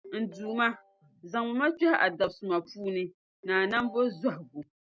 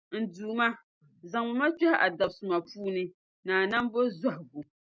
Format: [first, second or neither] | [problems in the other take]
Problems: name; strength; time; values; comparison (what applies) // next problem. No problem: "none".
second | background sound (Ringtone); 19 dB below the speech